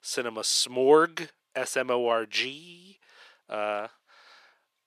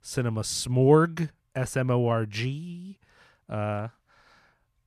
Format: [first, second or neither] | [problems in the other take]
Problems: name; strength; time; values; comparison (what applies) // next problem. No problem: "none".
second | thin; very; fading below 350 Hz